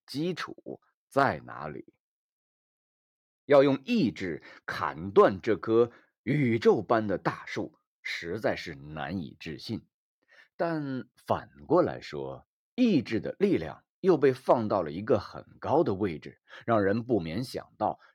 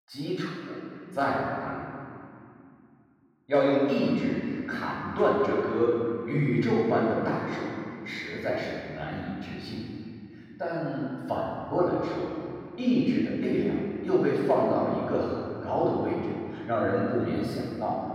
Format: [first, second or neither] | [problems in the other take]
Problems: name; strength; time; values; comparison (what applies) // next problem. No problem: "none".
first | off-mic speech; far // room echo; strong; dies away in 2.3 s